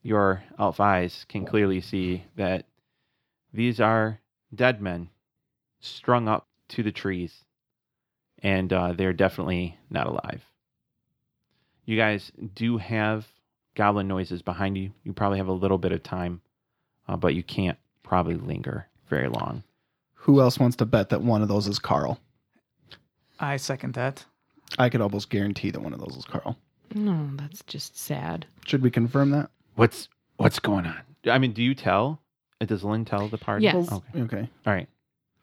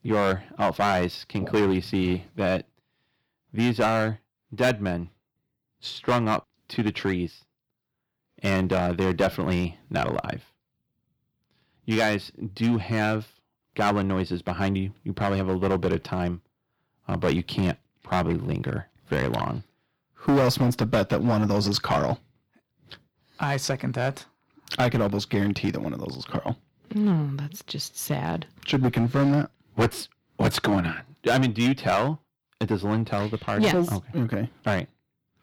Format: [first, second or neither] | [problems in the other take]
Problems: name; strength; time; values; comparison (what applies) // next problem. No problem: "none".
first | distortion; heavy; 5% of the sound clipped